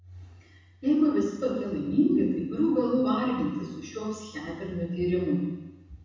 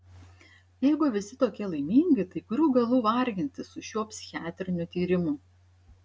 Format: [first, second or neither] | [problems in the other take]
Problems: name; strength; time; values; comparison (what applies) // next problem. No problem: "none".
second | room echo; dies away in 1.1 s